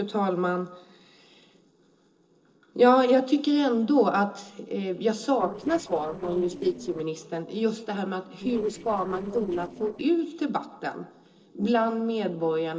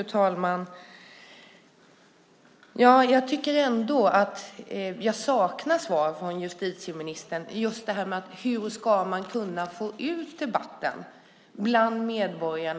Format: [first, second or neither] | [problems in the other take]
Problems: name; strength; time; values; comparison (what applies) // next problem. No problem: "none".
second | noise reduction (neural separator model SepFormer DNS4)